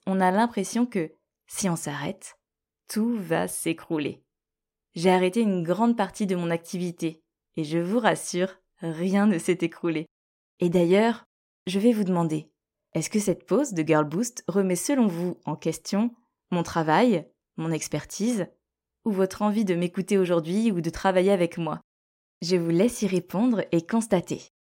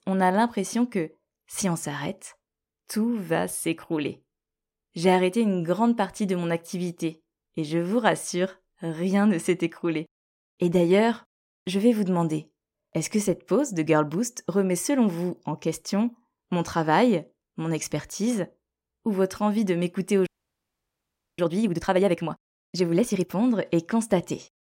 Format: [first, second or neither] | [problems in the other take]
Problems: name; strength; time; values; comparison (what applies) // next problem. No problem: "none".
first | audio freezing; at 20 s for 1 s